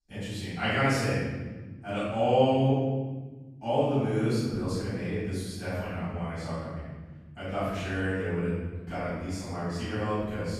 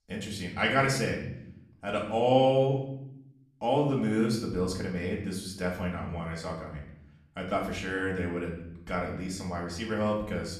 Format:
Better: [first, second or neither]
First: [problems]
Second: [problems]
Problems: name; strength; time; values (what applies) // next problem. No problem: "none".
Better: second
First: room echo; strong; dies away in 1.7 s // off-mic speech; far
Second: room echo; slight; dies away in 0.7 s // off-mic speech; far